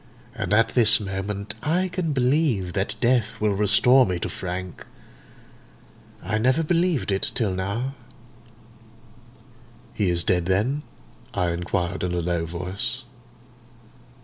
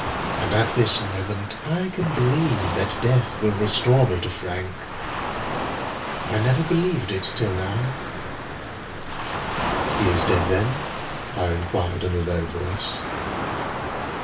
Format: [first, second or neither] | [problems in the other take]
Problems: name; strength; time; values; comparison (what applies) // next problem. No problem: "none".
first | background sound (Waves, surf); 4 dB below the speech // room echo; dies away in 0.2 s